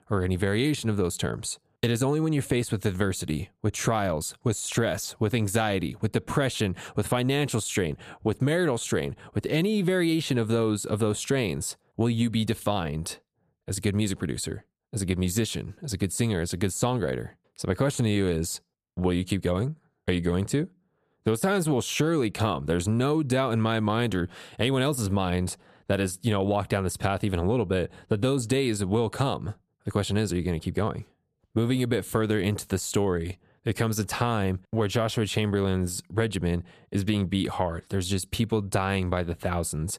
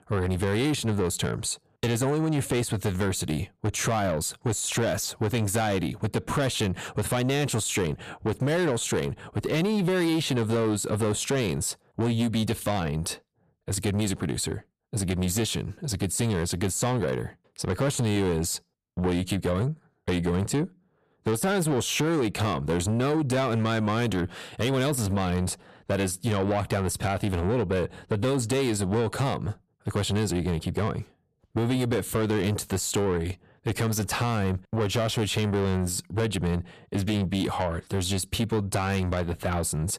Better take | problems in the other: first | distortion; slight; 10 dB below the speech

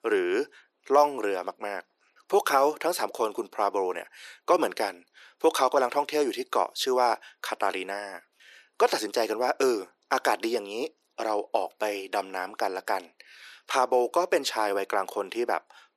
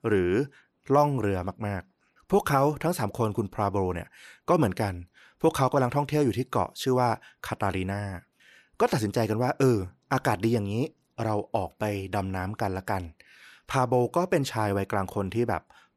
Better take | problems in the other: second | thin; very; fading below 350 Hz

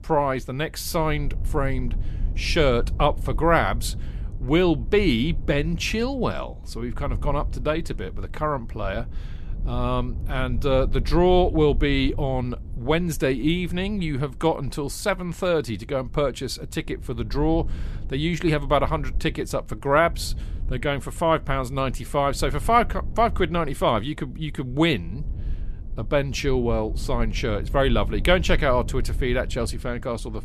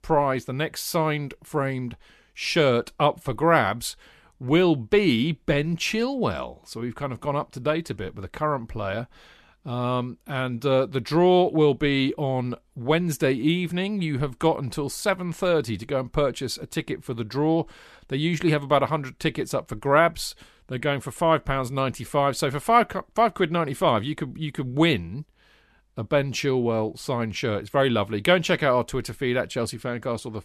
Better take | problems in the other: second | low rumble; faint; throughout; 25 dB below the speech

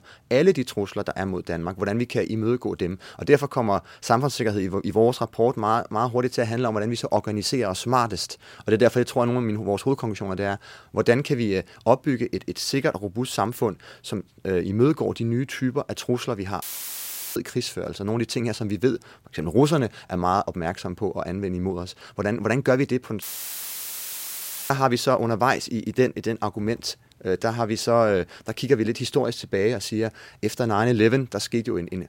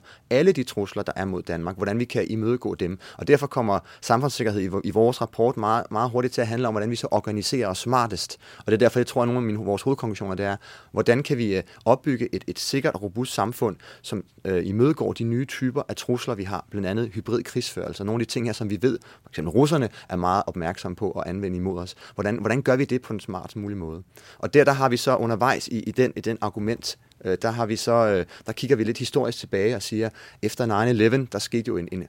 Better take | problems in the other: second | audio cutting out; filled with static; at 17 s for 0.5 s and at 23 s for 1.5 s

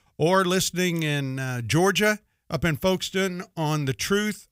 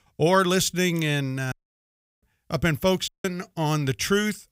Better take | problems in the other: first | audio cutting out; at 1.5 s for 0.5 s and at 3 s

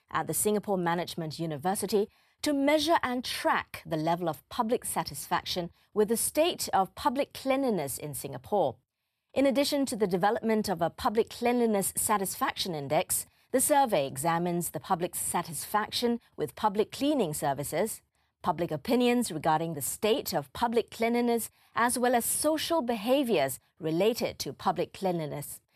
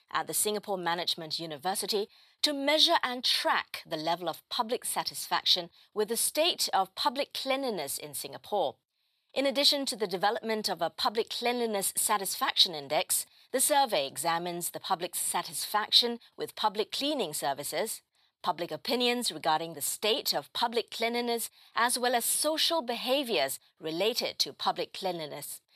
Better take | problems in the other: first | thin; very slightly; fading below 550 Hz

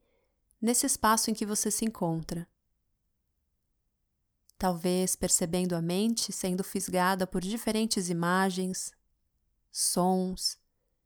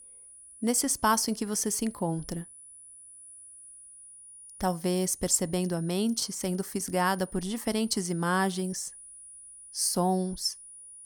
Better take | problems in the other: first | high-pitched whine; noticeable; throughout; 9.5 kHz, 20 dB below the speech

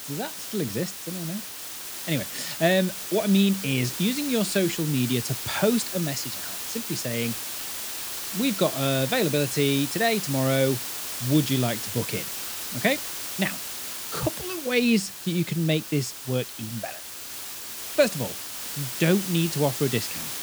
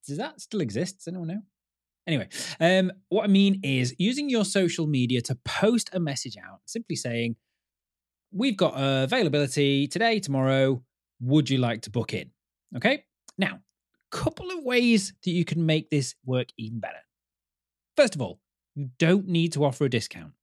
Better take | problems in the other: second | hiss; loud; throughout; 5 dB below the speech

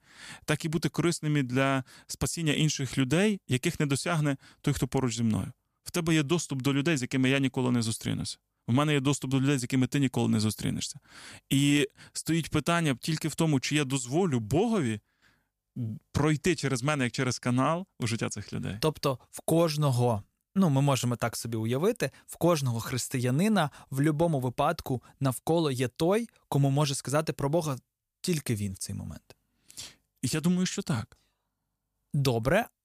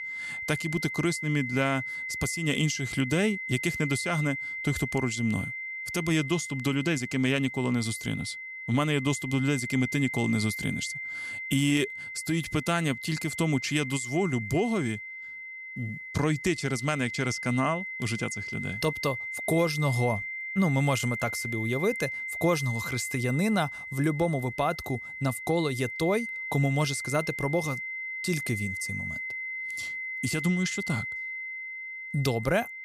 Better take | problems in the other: first | high-pitched whine; loud; throughout; 2 kHz, 5 dB below the speech

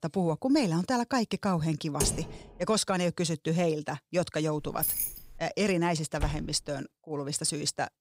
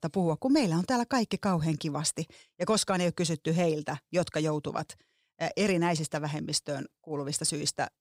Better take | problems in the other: second | keyboard typing; noticeable; at 2 s; peak 2 dB below the speech // jangling keys; loud; at 4.5 s; peak 2 dB above the speech // door banging; noticeable; at 6 s; peak 8 dB below the speech

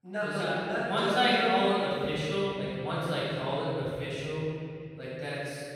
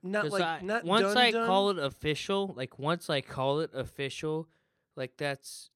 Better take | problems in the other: second | off-mic speech; far // room echo; strong; dies away in 2.7 s

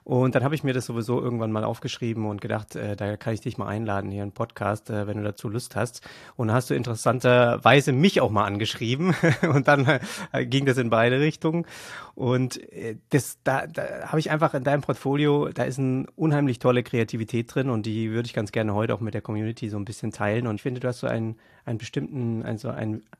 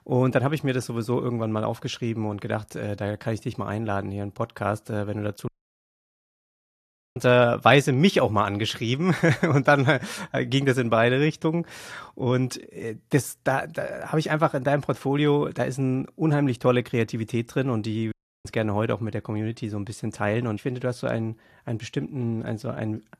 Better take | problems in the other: first | audio cutting out; at 5.5 s for 1.5 s and at 18 s

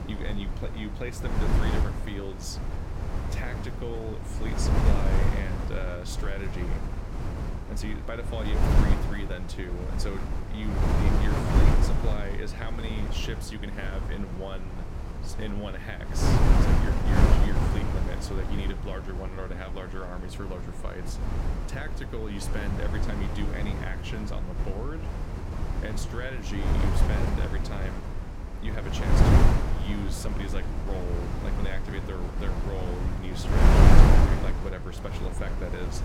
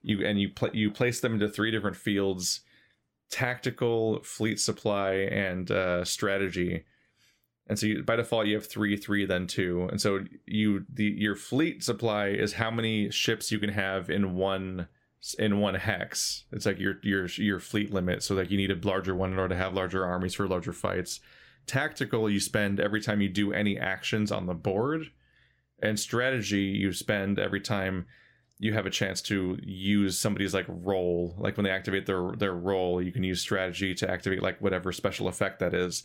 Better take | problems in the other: second | wind noise on the microphone; heavy; 3 dB above the speech

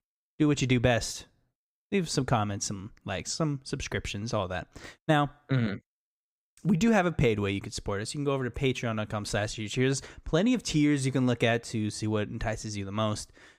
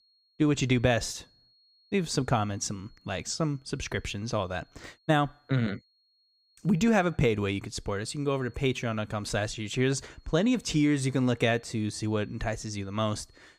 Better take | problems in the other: first | high-pitched whine; faint; throughout; 4.5 kHz, 35 dB below the speech

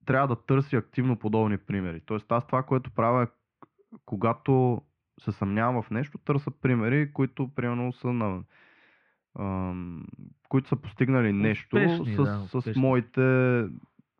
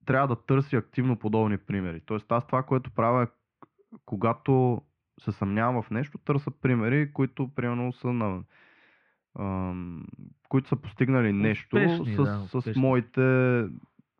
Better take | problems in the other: neither | muffled; very; fading above 2.5 kHz; the same in both

